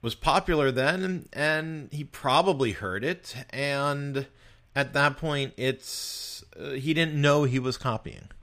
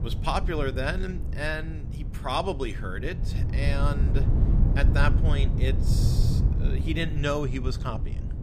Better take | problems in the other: first | low rumble; loud; throughout; 9 dB below the speech

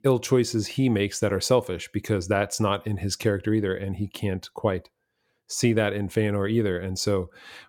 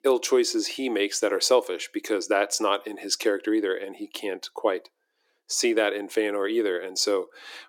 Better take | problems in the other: first | thin; somewhat; fading below 300 Hz

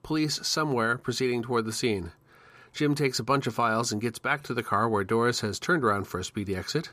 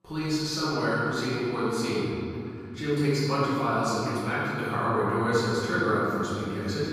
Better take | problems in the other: first | off-mic speech; far // room echo; strong; dies away in 2.7 s

